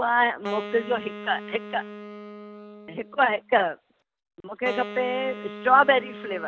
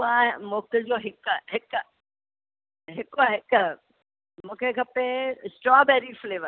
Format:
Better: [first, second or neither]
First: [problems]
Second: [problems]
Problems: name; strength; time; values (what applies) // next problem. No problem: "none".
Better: second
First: background sound (Wind instrument, woodwind instrument); 13 dB below the speech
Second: none